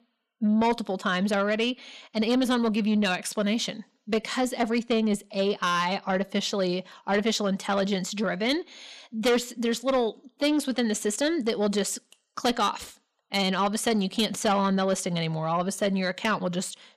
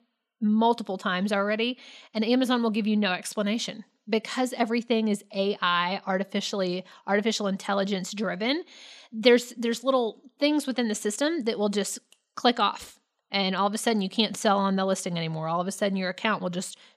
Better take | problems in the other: second | distortion; slight; 10 dB below the speech

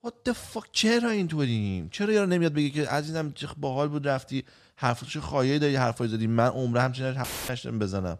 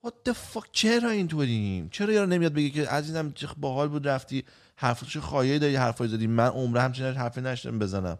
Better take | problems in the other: second | audio cutting out; filled with static; at 7 s

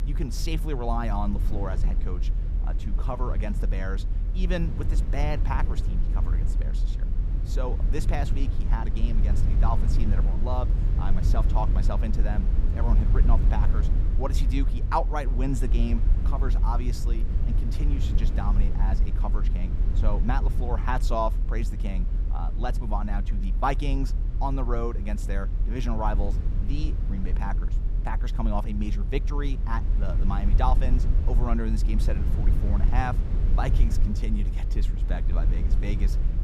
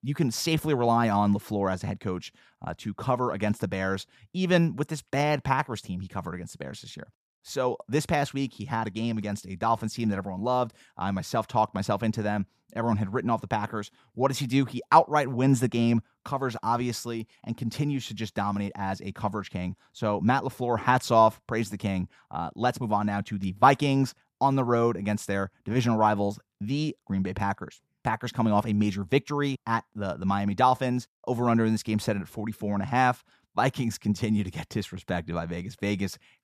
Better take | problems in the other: second | low rumble; loud; throughout; 10 dB below the speech

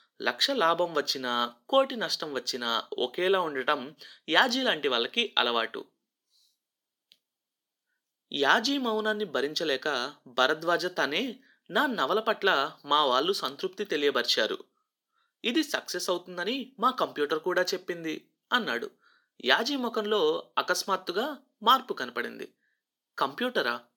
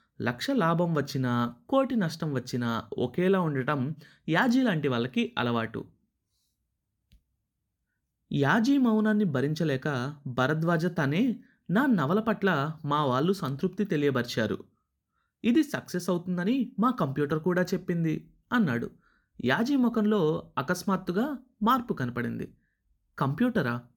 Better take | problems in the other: second | thin; somewhat; fading below 400 Hz

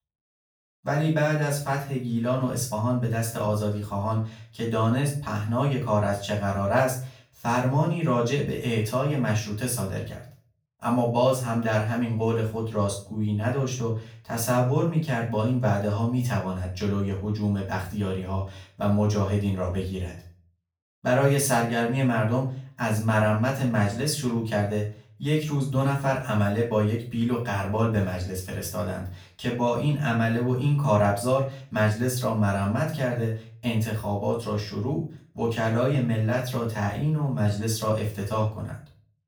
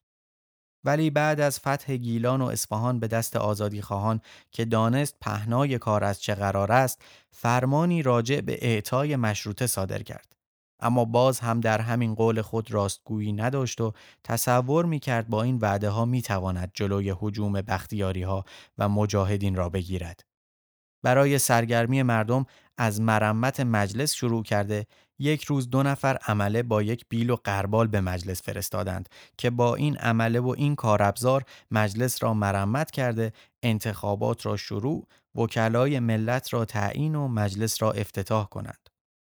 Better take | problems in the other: second | room echo; slight; dies away in 0.4 s // off-mic speech; far

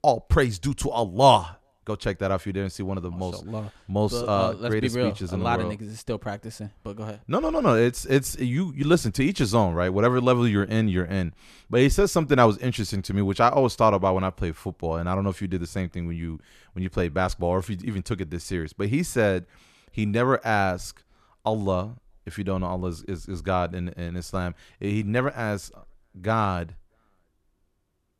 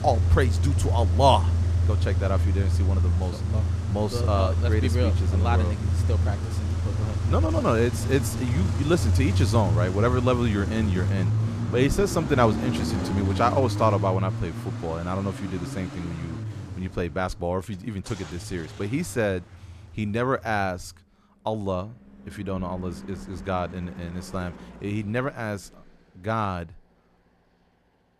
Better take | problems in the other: first | traffic noise; very loud; throughout; 1 dB above the speech

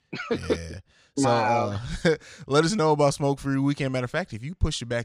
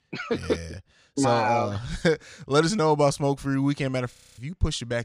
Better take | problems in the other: first | audio freezing; at 4 s

